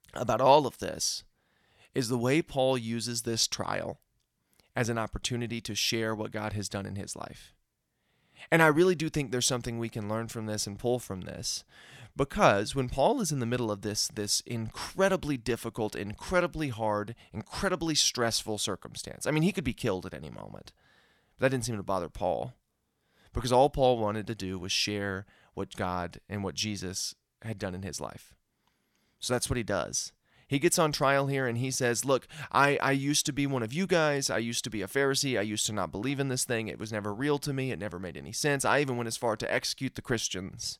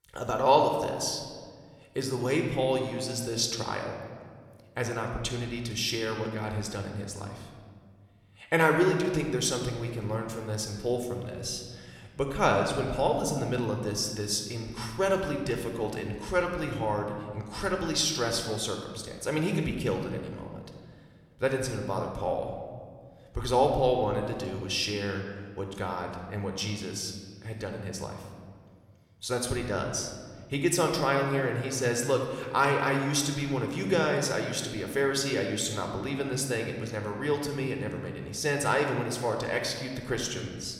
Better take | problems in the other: first | room echo; slight; dies away in 1.5 s

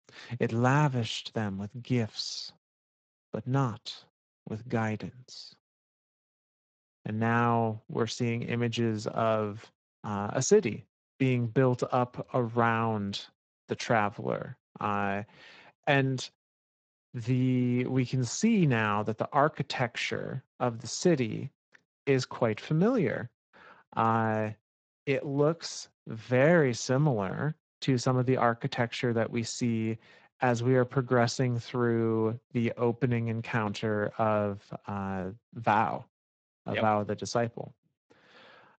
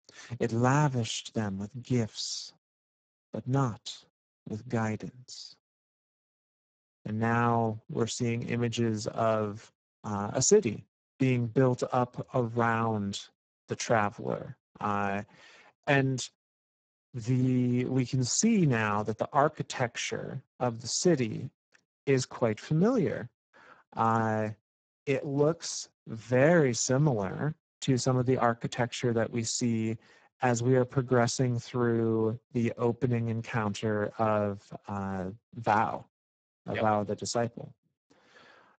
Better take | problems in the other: first | garbled, watery; badly; nothing above 7.5 kHz; slightly in the first

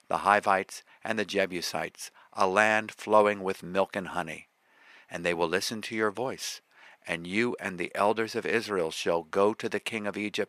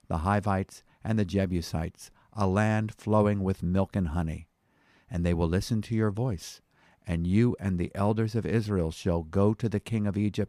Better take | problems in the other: second | thin; very; fading below 450 Hz

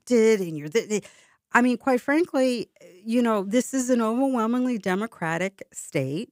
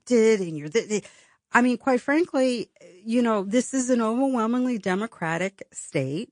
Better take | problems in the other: first | garbled, watery; slightly; nothing above 10 kHz

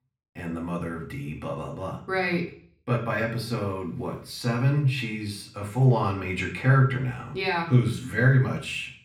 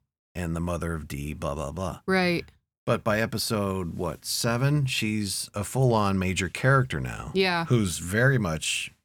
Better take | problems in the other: second | room echo; slight; dies away in 0.5 s // off-mic speech; far

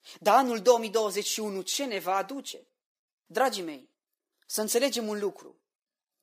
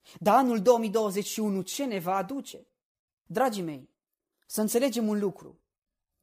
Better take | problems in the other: second | thin; very slightly; fading below 300 Hz

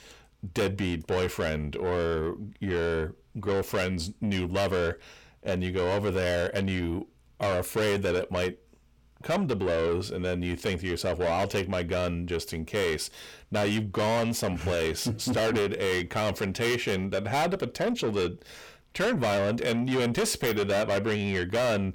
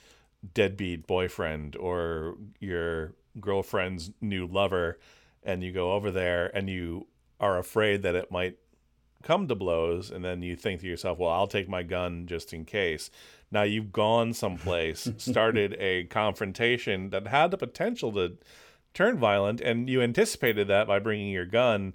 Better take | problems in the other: second | distortion; heavy; 6 dB below the speech

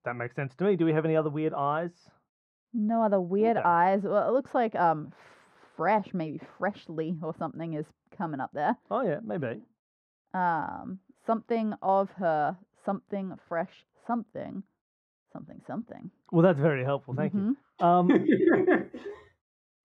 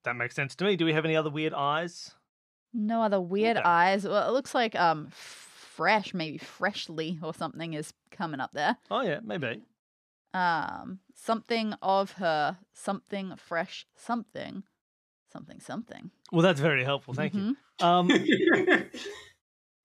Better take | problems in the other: second | muffled; very; fading above 2 kHz

